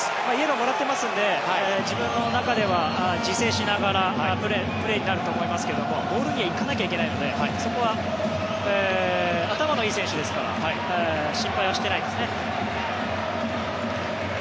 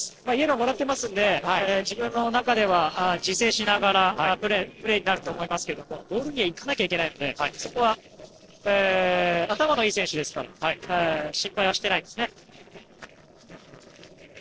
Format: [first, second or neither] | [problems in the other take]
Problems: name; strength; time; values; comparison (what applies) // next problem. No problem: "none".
first | noise reduction (neural separator model SepFormer DNS4)